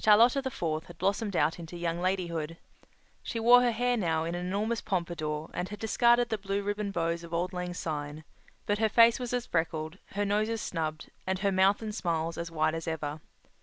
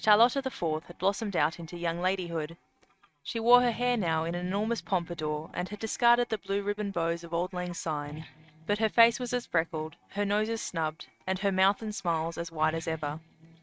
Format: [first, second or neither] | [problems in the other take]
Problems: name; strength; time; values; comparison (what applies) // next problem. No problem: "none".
first | noise reduction (neural mask model RNNoise)